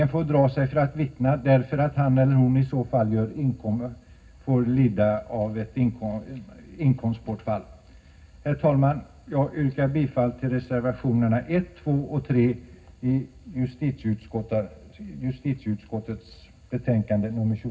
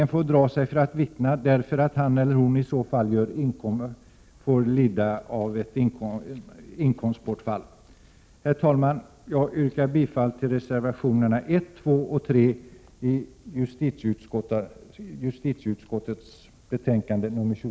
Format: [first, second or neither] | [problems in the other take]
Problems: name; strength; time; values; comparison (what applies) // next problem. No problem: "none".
second | room echo; dies away in 0.4 s